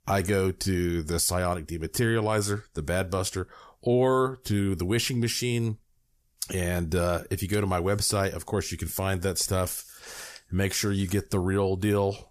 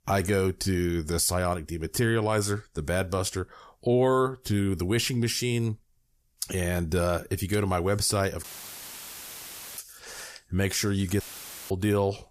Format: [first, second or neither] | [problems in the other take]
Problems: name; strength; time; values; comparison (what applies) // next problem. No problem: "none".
first | audio cutting out; filled with static; at 8.5 s for 1.5 s and at 11 s for 0.5 s